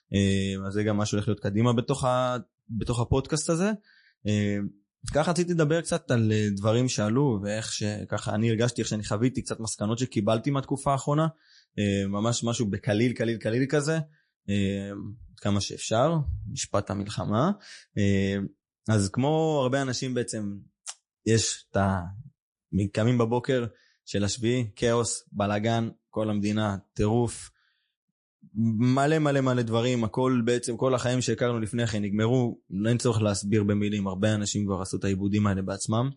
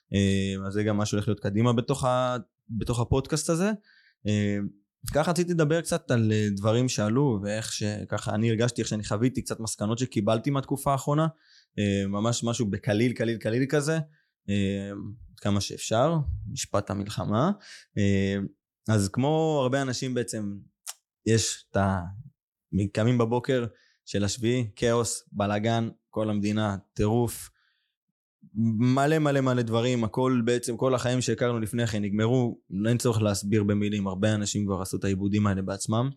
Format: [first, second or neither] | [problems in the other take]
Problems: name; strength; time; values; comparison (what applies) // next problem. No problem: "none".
second | garbled, watery; slightly; nothing above 10.5 kHz